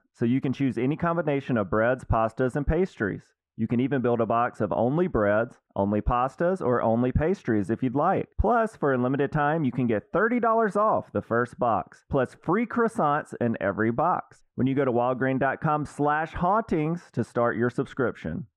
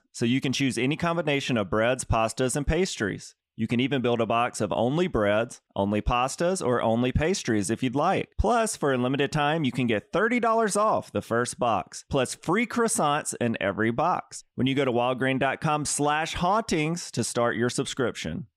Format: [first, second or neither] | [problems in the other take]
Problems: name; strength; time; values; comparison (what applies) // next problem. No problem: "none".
second | muffled; very; fading above 2.5 kHz